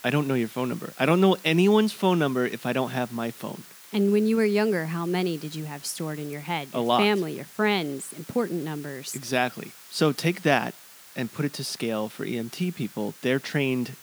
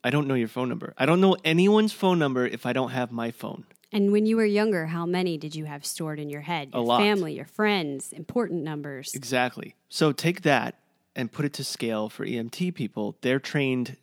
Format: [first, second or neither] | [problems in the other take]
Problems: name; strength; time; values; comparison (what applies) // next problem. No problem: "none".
second | hiss; noticeable; throughout; 20 dB below the speech